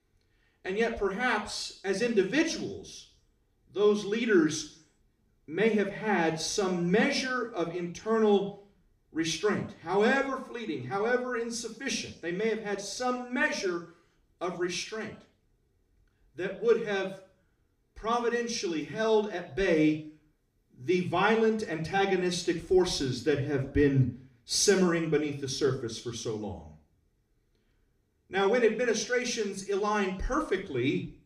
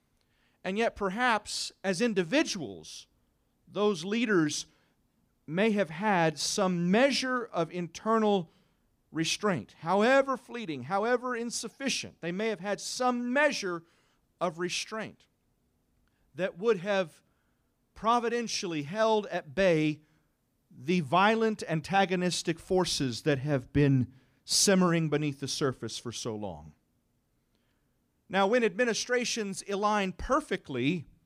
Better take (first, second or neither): second